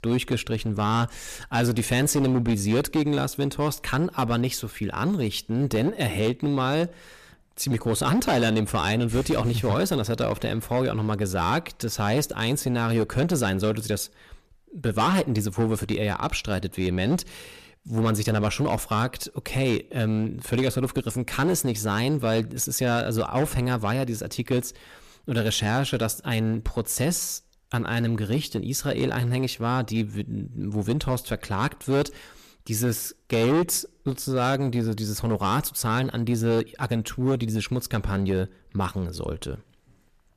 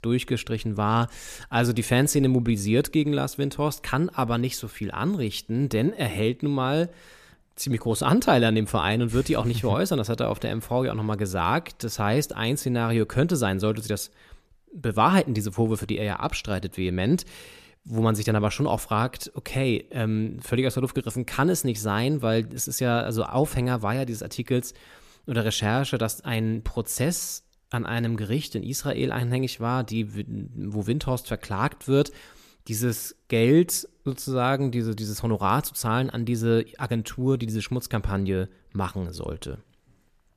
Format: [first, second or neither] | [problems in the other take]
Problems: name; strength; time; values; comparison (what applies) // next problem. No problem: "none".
second | distortion; slight; 9% of the sound clipped